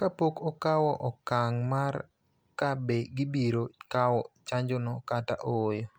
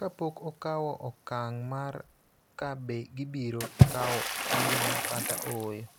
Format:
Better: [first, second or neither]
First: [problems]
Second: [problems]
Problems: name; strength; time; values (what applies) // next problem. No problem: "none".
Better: first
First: none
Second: background sound (Water / Splash, splatter); 4 dB above the speech